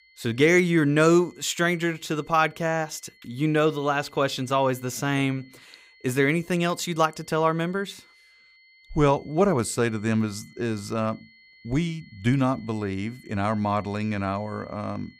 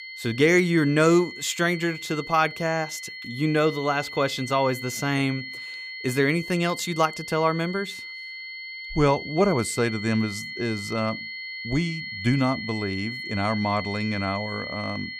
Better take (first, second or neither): first